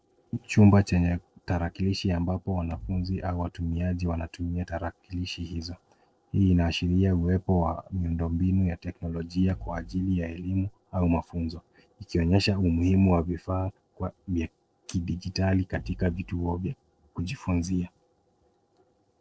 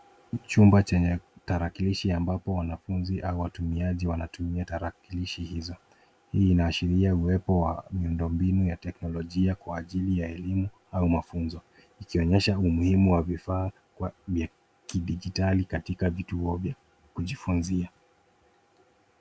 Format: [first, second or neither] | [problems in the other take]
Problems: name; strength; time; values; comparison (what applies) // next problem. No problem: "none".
second | noise reduction (neural separator model SepFormer DNS4)